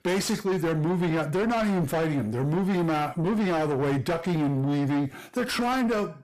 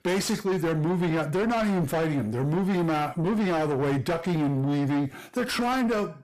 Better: neither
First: distortion; heavy; 7 dB below the speech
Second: distortion; heavy; 7 dB below the speech

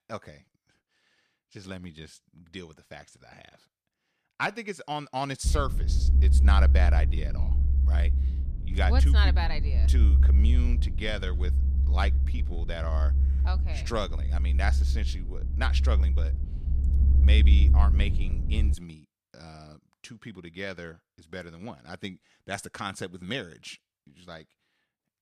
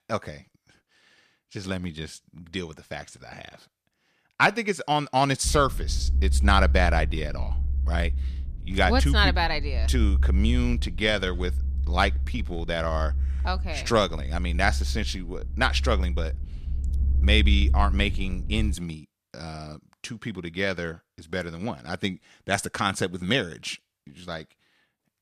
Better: second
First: low rumble; loud; from 5.5 to 19 s; 8 dB below the speech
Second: low rumble; faint; from 5.5 to 19 s; 20 dB below the speech

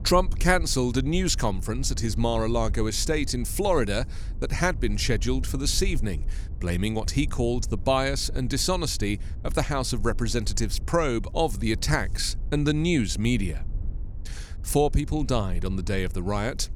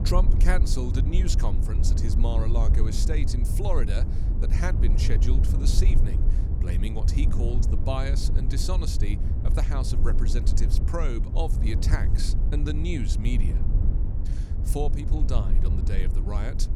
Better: first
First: low rumble; faint; throughout; 25 dB below the speech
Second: low rumble; loud; throughout; 6 dB below the speech

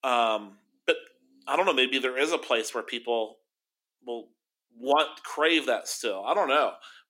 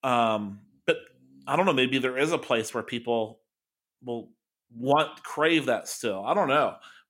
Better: second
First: thin; very slightly; fading below 300 Hz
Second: none

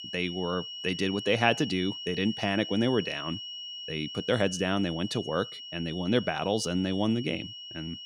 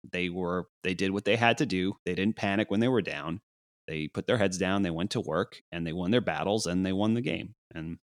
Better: second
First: high-pitched whine; loud; throughout; 3 kHz, 9 dB below the speech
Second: none

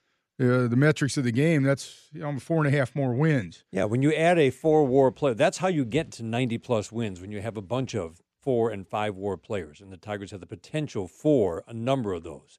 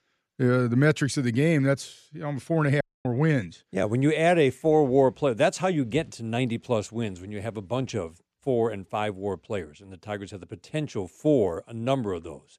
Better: first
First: none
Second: audio cutting out; at 3 s

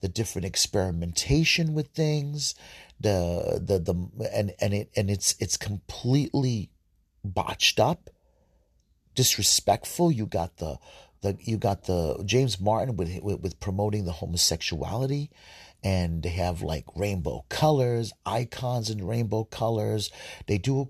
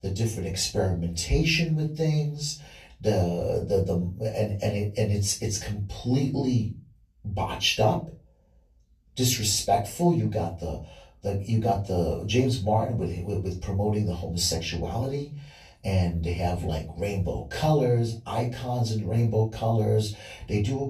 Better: first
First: none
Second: off-mic speech; far // room echo; slight; dies away in 0.3 s

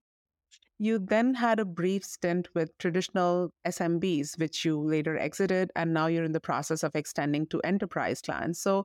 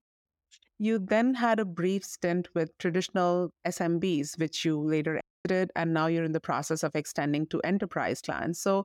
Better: first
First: none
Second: audio cutting out; at 5 s

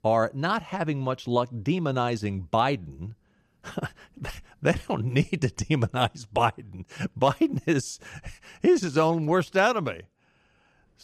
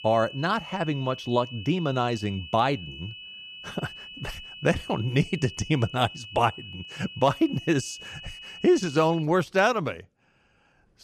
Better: first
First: none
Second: high-pitched whine; noticeable; until 9 s; 3 kHz, 15 dB below the speech

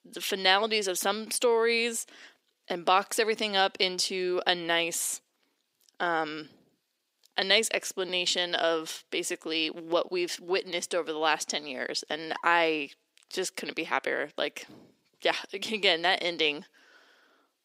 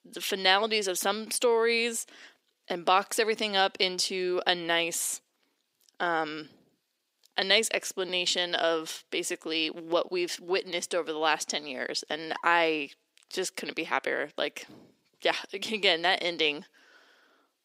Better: neither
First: thin; somewhat; fading below 350 Hz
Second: thin; somewhat; fading below 350 Hz

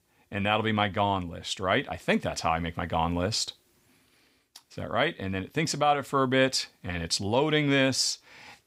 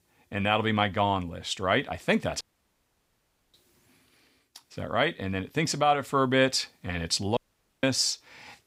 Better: first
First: none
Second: audio cutting out; at 2.5 s for 1 s and at 7.5 s

